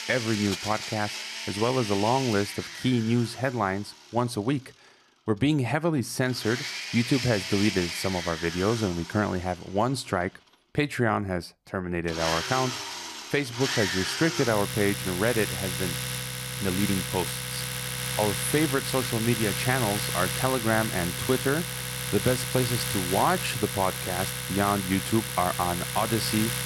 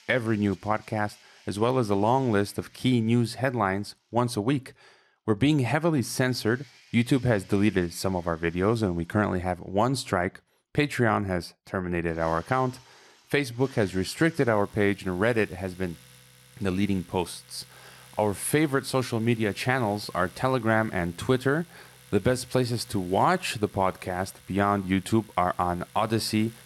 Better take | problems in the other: second | household noises; loud; throughout; 3 dB below the speech; faint in the second

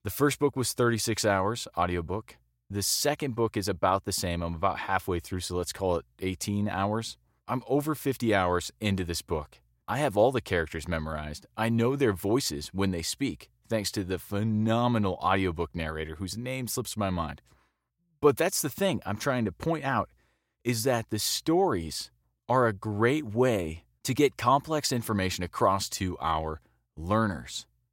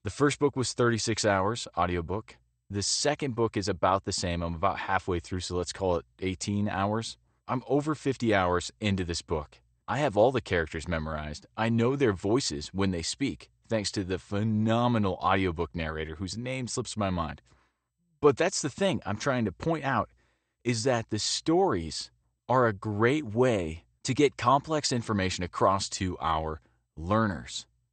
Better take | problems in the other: first | garbled, watery; slightly; nothing above 8.5 kHz

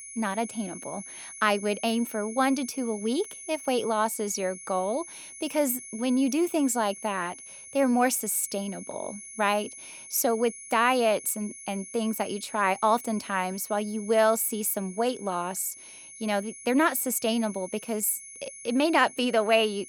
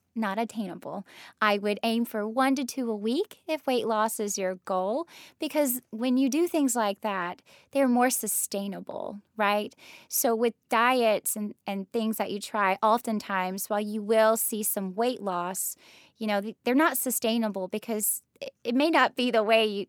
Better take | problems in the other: second | high-pitched whine; noticeable; throughout; 10 kHz, 15 dB below the speech

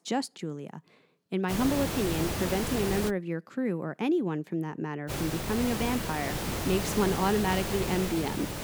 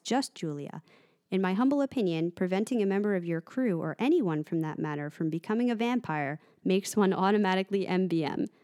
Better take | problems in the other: second | hiss; loud; from 1.5 to 3 s and from 5 s on; 2 dB below the speech

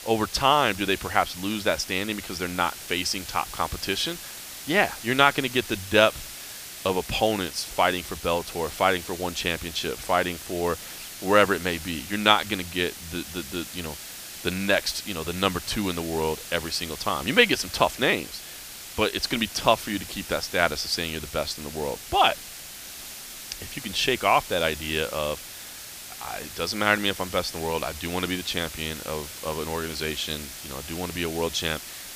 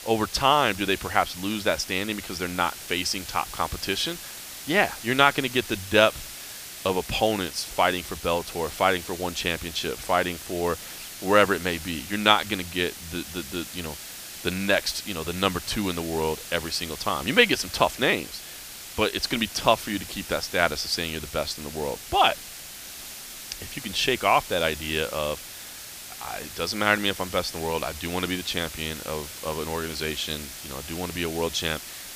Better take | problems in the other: neither | hiss; noticeable; throughout; 10 dB below the speech; the same in both

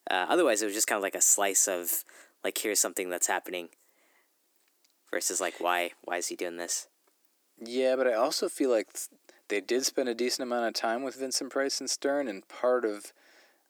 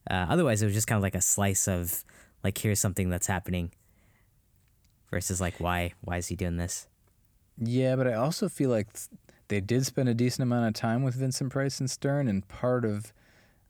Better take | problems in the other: second | thin; somewhat; fading below 300 Hz

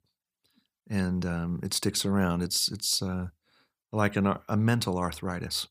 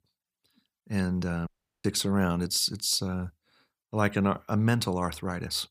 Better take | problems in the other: first | audio cutting out; at 1.5 s

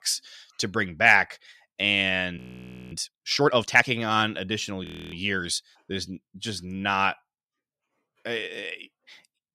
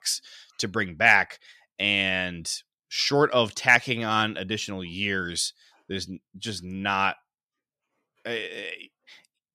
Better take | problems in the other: second | audio freezing; at 2.5 s for 0.5 s and at 5 s

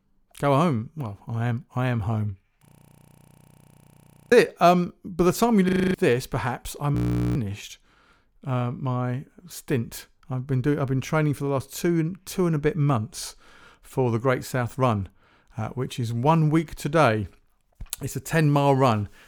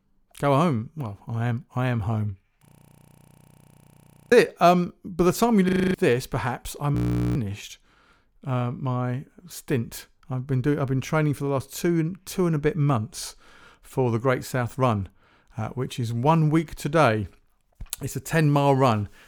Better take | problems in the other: neither | audio freezing; at 2.5 s for 1.5 s, at 5.5 s and at 7 s; the same in both

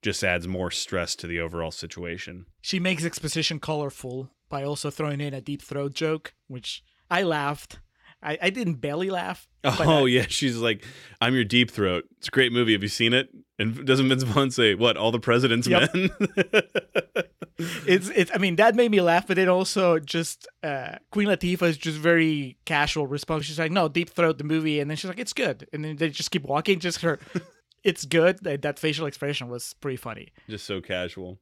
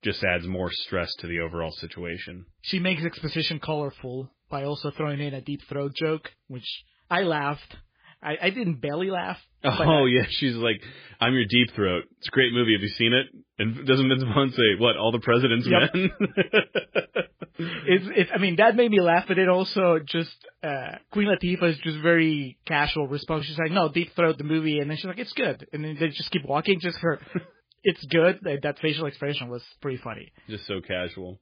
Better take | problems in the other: first | garbled, watery; badly; nothing above 5 kHz

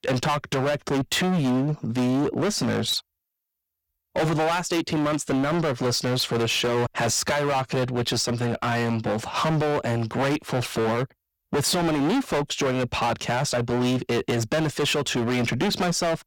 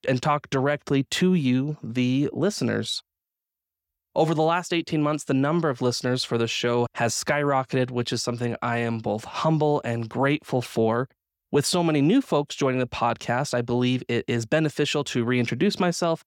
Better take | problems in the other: second | distortion; heavy; 25% of the sound clipped

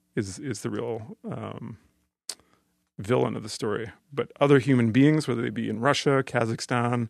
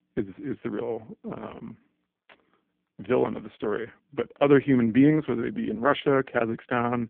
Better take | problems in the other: first | phone-call audio; poor line; nothing above 3.5 kHz

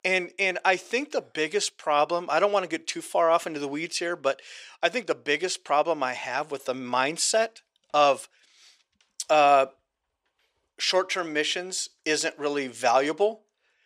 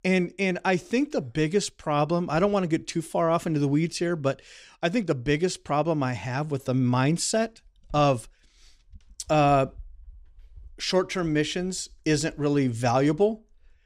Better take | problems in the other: second | thin; very; fading below 600 Hz

